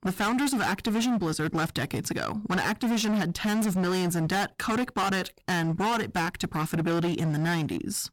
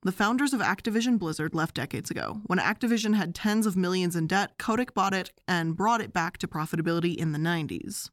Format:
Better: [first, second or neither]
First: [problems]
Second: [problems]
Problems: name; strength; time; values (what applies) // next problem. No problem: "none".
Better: second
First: distortion; heavy; 27% of the sound clipped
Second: none